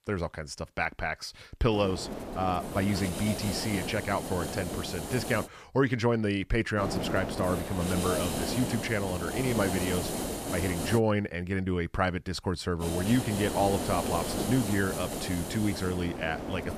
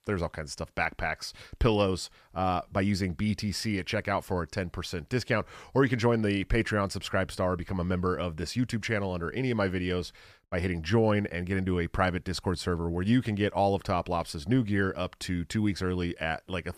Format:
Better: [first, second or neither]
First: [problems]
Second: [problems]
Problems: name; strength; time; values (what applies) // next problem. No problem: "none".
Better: second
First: hiss; loud; from 1.5 to 5.5 s, from 7 to 11 s and from 13 s on; 4 dB below the speech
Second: none